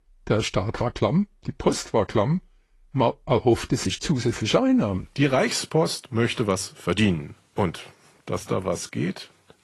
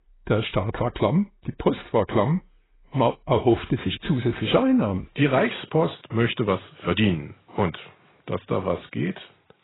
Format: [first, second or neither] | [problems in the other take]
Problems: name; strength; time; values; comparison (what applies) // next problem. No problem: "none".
first | garbled, watery; badly; nothing above 4 kHz; slightly in the first